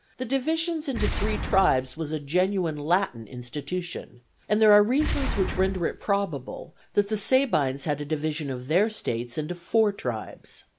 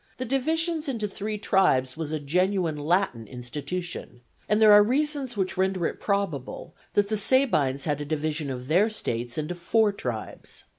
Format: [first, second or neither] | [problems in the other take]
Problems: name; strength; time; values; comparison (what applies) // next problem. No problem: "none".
second | background sound (Boom); 7 dB below the speech